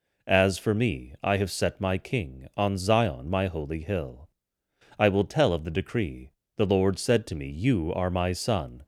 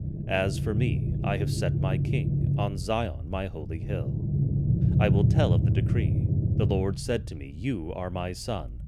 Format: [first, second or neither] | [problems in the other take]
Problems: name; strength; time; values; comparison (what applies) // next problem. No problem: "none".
first | low rumble; loud; throughout; 5 dB below the speech